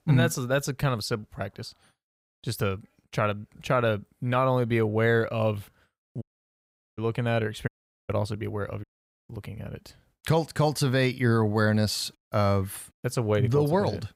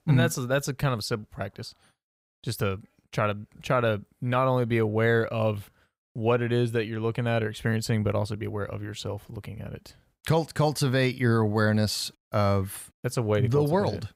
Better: second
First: audio cutting out; at 6 s for 1 s, at 7.5 s and at 9 s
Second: none

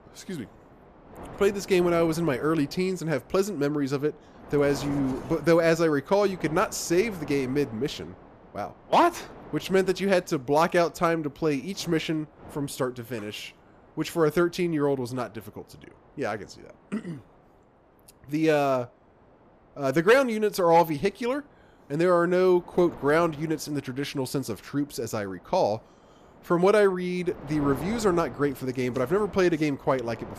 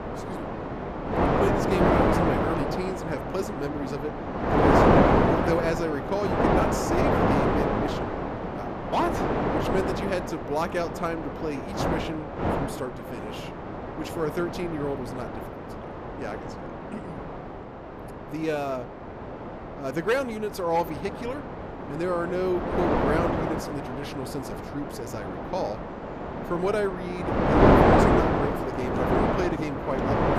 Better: first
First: wind noise on the microphone; occasional gusts; 20 dB below the speech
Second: wind noise on the microphone; heavy; 5 dB above the speech

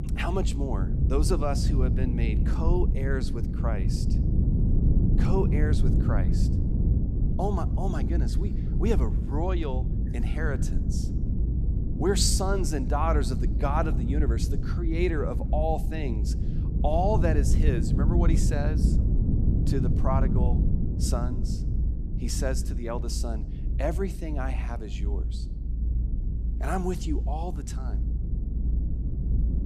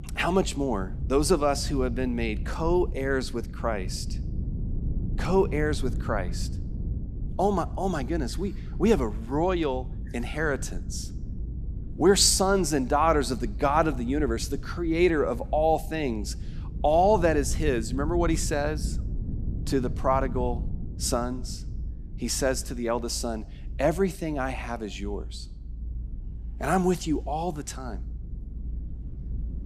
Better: second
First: low rumble; loud; throughout; 7 dB below the speech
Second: low rumble; faint; throughout; 20 dB below the speech

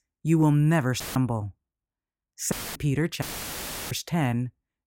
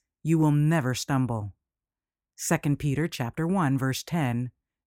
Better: second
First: audio cutting out; filled with static; at 1 s, at 2.5 s and at 3 s for 0.5 s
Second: none

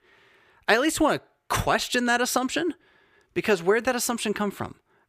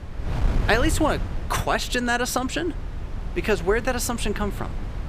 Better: first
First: none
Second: wind noise on the microphone; occasional gusts; 15 dB below the speech

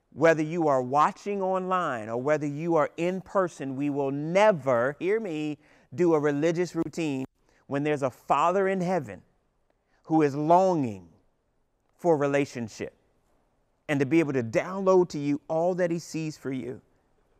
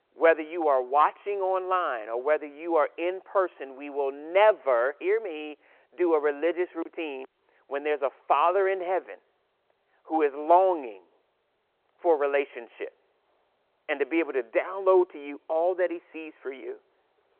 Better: first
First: none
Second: phone-call audio

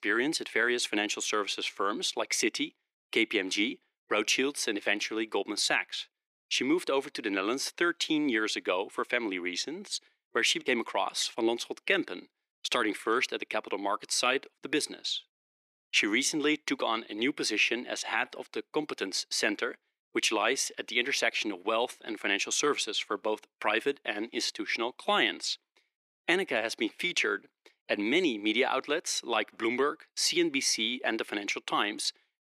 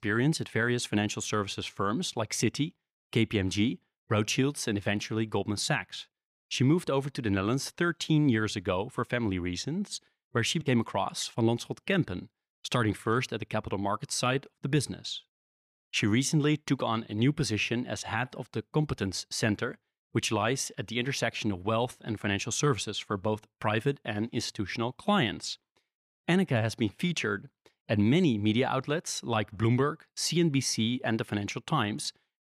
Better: second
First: thin; somewhat; fading below 300 Hz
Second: none

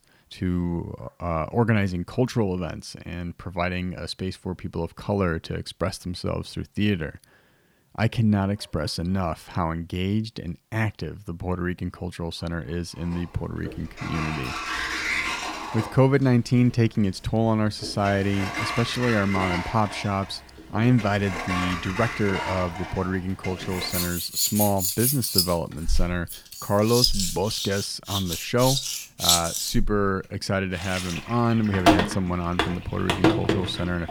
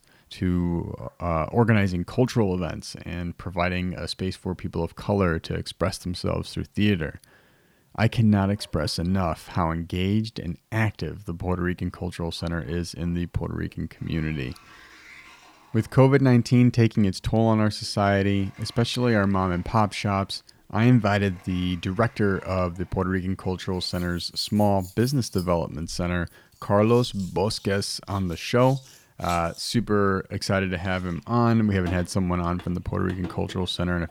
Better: second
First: household noises; loud; from 13 s on; 1 dB below the speech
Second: household noises; faint; from 13 s on; 25 dB below the speech

